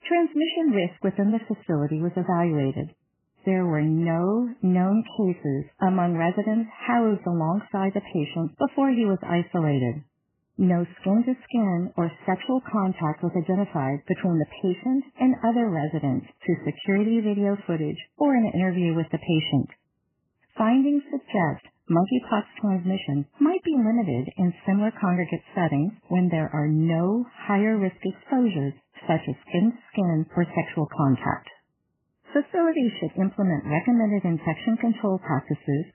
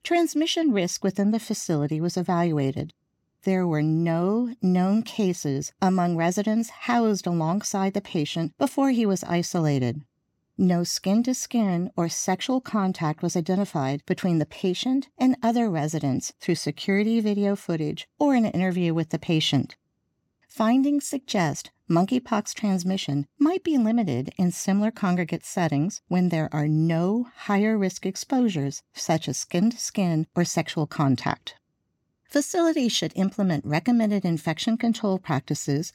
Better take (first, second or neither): second